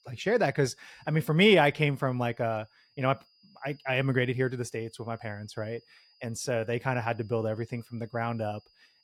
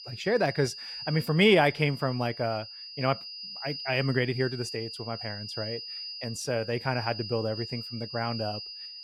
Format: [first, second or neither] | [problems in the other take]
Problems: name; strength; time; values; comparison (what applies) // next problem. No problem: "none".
first | high-pitched whine; loud; throughout; 5 kHz, 9 dB below the speech; faint in the first